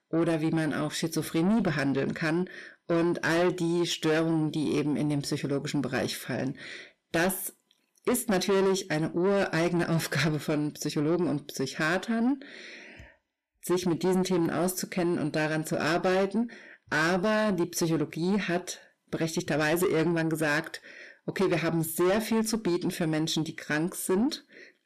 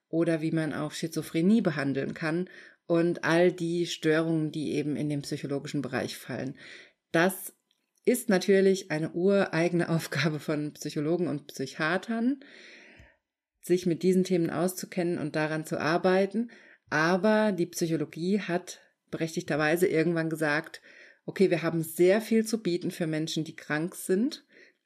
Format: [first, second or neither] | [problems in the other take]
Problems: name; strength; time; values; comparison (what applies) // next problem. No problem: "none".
second | distortion; heavy; 8 dB below the speech